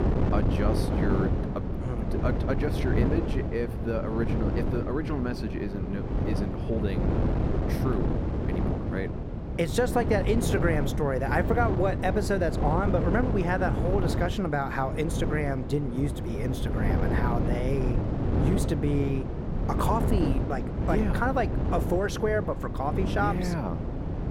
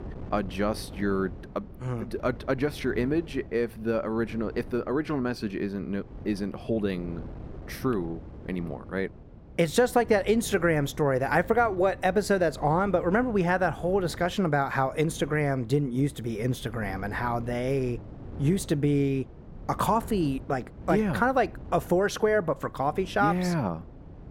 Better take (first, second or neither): second